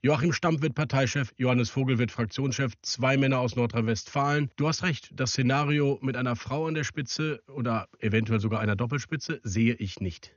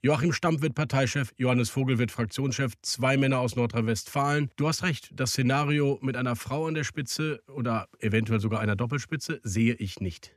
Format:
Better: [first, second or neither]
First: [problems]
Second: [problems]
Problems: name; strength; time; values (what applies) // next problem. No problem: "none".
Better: second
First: garbled, watery; slightly; nothing above 6.5 kHz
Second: none